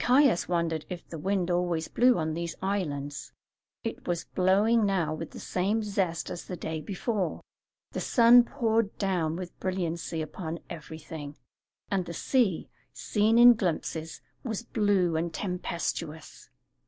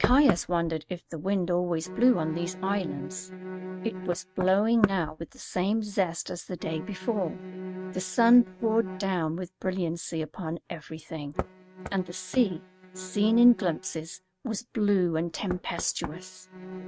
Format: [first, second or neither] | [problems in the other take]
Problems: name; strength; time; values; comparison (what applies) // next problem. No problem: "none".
first | noise reduction (neural mask model RNNoise)